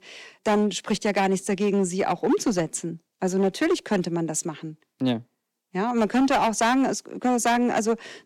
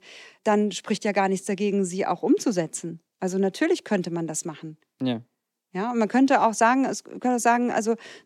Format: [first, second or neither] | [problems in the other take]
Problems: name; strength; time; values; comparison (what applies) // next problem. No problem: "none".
second | distortion; slight; 9% of the sound clipped